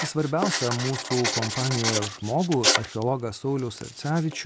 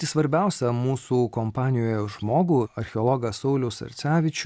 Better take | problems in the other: second | background sound (Writing); 3 dB below the speech

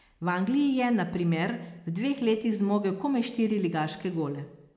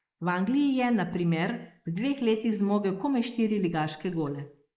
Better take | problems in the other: first | noise reduction (neural mask model Resemble Enhance denoiser)

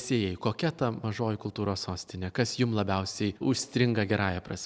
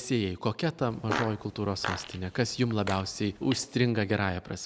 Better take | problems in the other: first | background sound (Fart); 9 dB below the speech

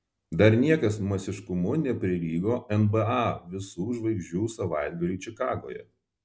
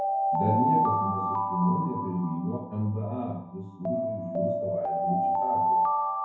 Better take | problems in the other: first | background sound (Alarm); 3 dB above the speech // room echo; dies away in 0.9 s

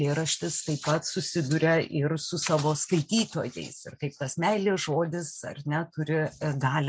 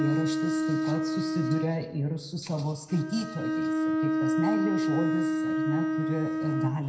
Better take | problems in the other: first | background sound (Bowed string instrument); 3 dB above the speech // room echo; dies away in 0.7 s

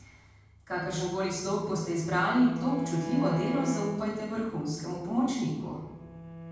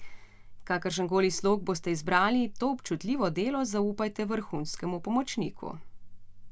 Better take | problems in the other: second | background sound (Bowed string instrument); 9 dB below the speech // room echo; dies away in 1.2 s

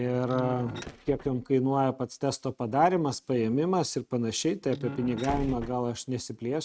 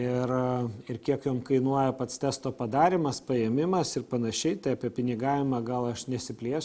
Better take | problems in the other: second | noise reduction (neural mask model RNNoise)

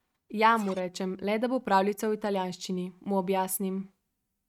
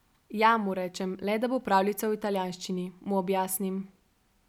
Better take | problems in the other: second | noise reduction (neural mask model RNNoise)

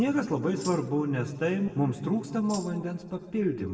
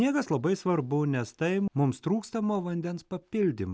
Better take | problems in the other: second | background sound (Tambourine); 17 dB below the speech // room echo; dies away in 1.8 s

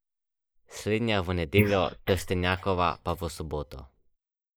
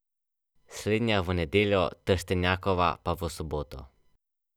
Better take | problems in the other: second | noise reduction (neural mask model Resemble Enhance denoiser)

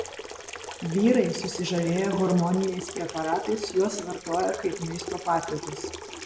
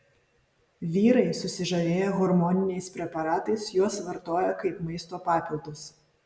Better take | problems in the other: second | background sound (Sink (filling or washing) / Water tap, faucet); 10 dB below the speech

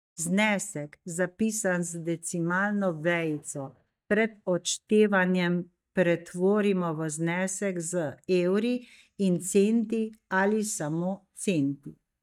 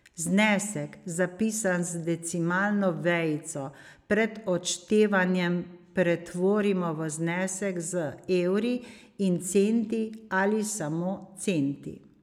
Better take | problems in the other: second | noise reduction (neural mask model DeepFilterNet 3)

